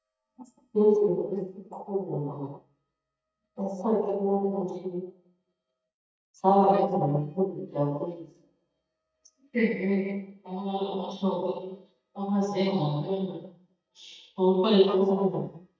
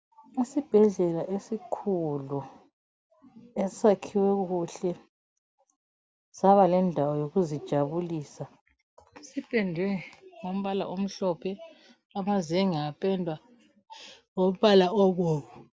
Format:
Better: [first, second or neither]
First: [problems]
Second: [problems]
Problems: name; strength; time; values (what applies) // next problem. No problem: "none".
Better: second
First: noise reduction (neural mask model DeepFilterNet 3)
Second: none